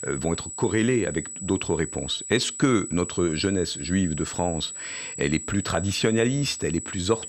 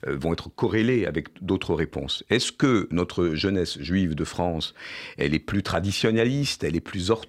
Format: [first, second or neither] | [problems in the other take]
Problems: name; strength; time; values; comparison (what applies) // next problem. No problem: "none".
second | high-pitched whine; loud; throughout; 8 kHz, 8 dB below the speech